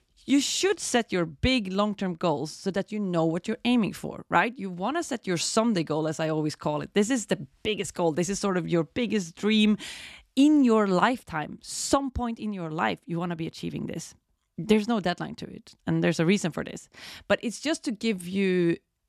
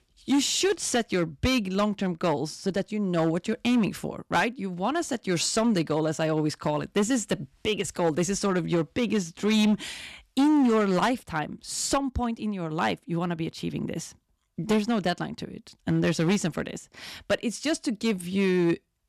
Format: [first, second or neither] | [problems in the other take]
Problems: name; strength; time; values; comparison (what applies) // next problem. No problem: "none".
first | distortion; slight; 6% of the sound clipped